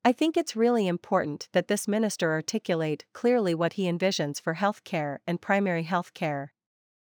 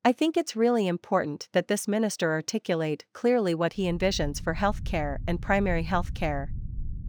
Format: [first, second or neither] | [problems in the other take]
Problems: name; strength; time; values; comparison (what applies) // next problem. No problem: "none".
first | low rumble; faint; from 4 s on; 25 dB below the speech